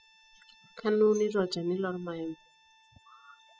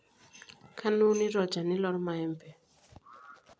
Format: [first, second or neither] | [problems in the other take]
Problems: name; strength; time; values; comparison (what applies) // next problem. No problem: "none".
second | noise reduction (classical method spectral subtraction)